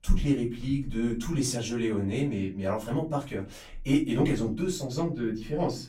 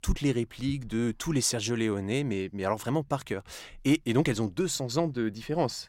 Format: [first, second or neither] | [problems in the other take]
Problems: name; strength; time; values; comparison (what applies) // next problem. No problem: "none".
second | room echo; very slight; dies away in 0.3 s // off-mic speech; far